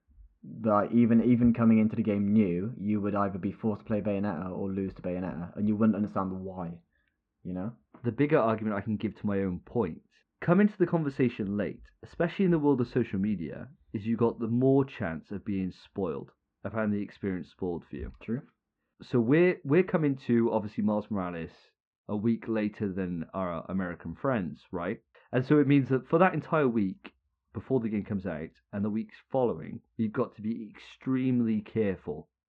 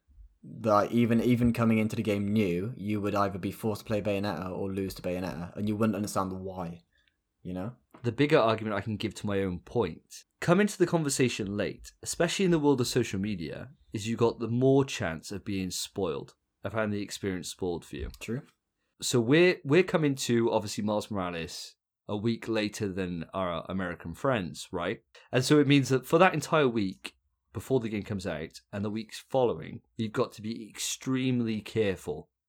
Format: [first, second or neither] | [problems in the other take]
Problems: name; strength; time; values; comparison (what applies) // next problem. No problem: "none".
second | muffled; very; fading above 2 kHz